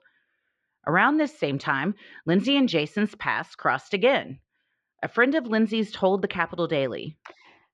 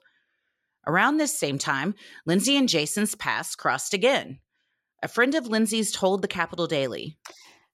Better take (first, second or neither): second